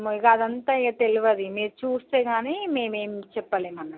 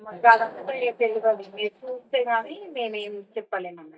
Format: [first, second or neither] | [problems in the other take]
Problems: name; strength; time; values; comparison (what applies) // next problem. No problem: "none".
first | noise reduction (neural mask model DeepFilterNet 3)